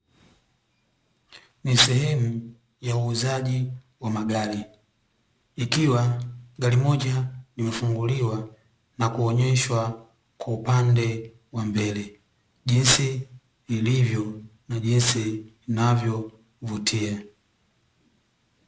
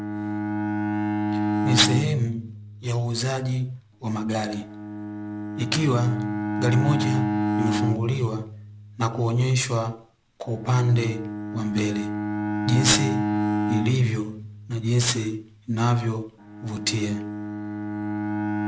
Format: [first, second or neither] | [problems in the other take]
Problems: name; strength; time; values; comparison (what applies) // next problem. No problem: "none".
first | background sound (Bowed string instrument); 3 dB below the speech